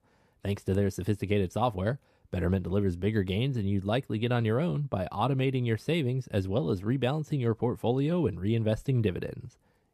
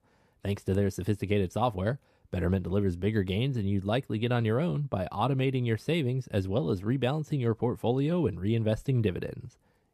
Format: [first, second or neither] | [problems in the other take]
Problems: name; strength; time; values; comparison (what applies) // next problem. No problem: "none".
neither | none